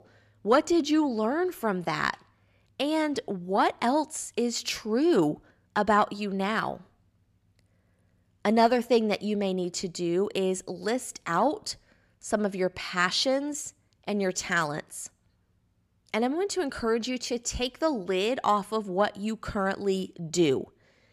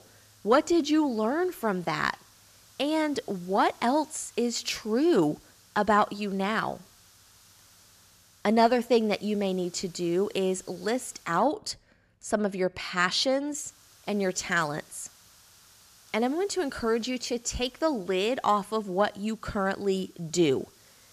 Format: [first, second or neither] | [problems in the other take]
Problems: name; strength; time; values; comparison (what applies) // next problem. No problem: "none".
first | hiss; faint; until 11 s and from 14 s on; 25 dB below the speech